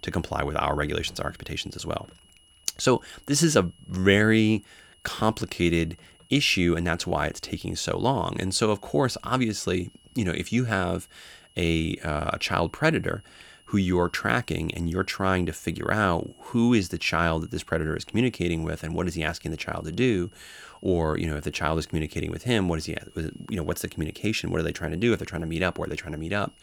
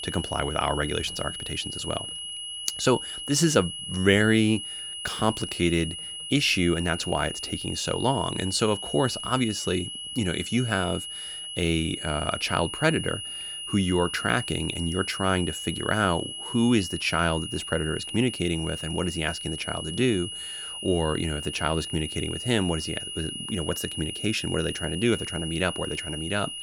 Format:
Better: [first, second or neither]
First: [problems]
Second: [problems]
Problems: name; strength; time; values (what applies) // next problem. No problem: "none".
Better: first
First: high-pitched whine; faint; throughout; 3 kHz, 30 dB below the speech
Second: high-pitched whine; loud; throughout; 3 kHz, 6 dB below the speech